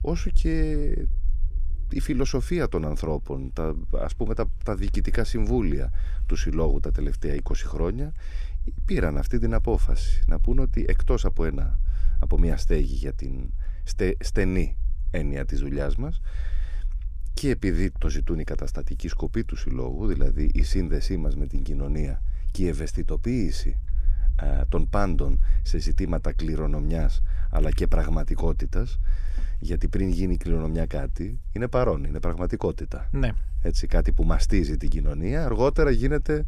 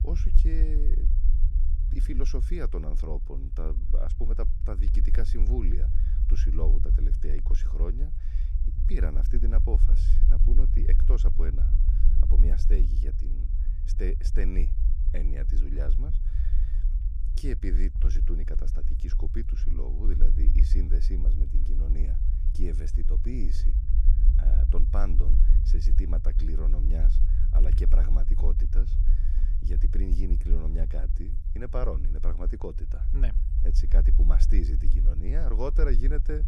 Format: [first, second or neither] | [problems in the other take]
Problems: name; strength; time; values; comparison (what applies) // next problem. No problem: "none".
first | low rumble; loud; throughout; 7 dB below the speech; faint in the first